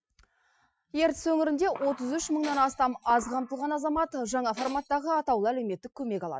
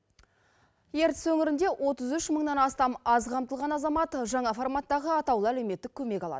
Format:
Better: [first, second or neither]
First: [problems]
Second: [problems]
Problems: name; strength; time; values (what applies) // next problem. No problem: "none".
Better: second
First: noise reduction (classical method Wiener filter)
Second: none